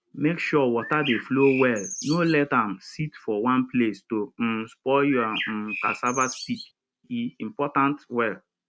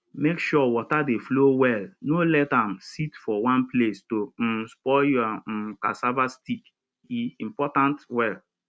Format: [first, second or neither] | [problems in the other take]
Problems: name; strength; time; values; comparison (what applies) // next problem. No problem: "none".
second | background sound (Bird); 9 dB below the speech